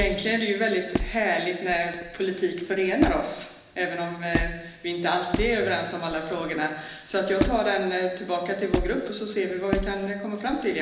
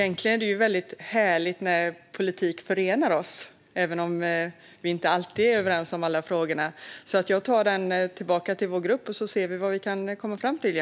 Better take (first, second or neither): second